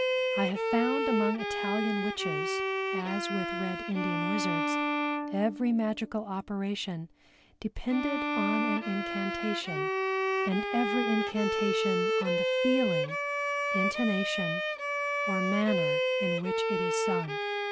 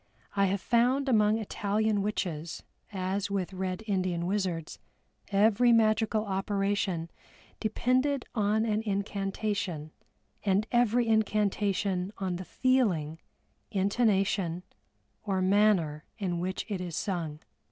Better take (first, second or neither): second